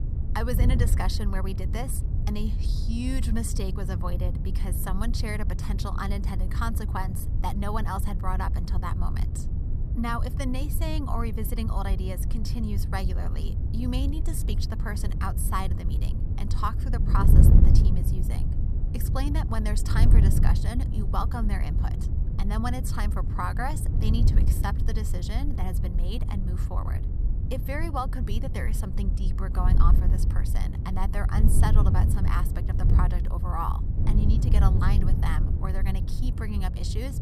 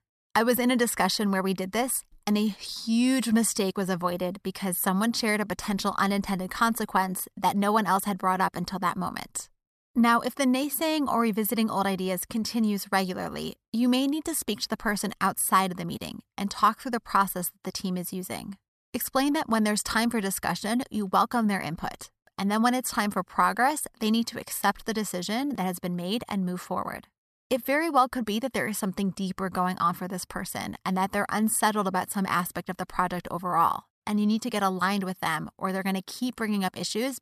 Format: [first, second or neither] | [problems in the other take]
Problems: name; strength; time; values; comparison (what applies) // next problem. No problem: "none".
second | wind noise on the microphone; heavy; 6 dB below the speech